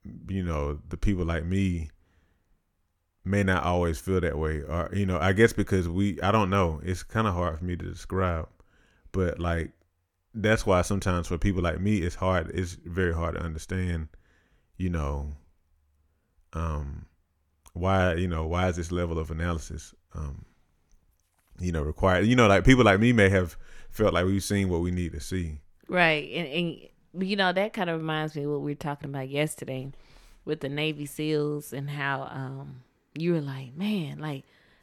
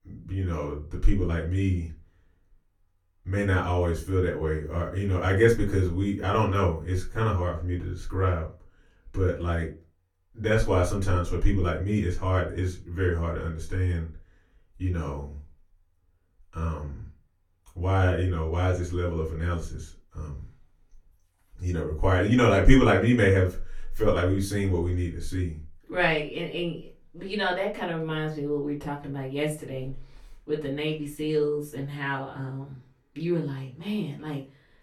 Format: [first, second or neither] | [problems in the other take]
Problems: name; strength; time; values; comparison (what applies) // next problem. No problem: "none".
first | off-mic speech; far // room echo; very slight; dies away in 0.2 s